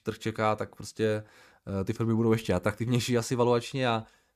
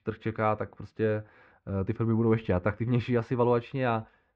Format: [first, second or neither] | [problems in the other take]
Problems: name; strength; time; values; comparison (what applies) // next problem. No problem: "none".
first | muffled; very; fading above 2.5 kHz